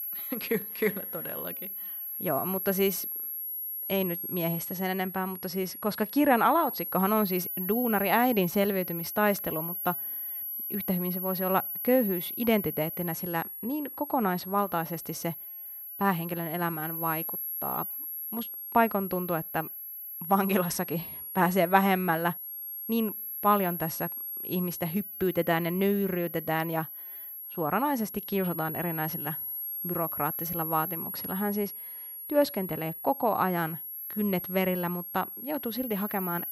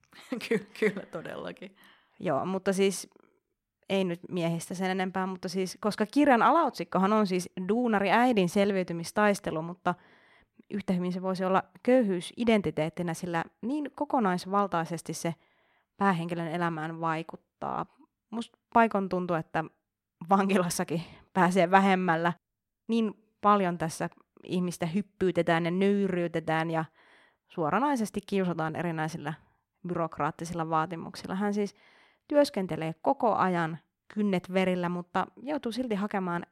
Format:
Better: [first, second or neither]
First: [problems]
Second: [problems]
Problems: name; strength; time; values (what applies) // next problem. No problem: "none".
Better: second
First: high-pitched whine; loud; throughout; 11.5 kHz, 5 dB below the speech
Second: none